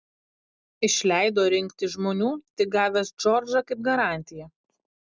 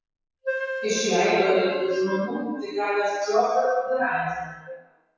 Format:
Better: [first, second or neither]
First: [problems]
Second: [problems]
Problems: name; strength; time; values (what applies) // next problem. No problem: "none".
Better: first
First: none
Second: noise reduction (classical method WPE with log-MMSE)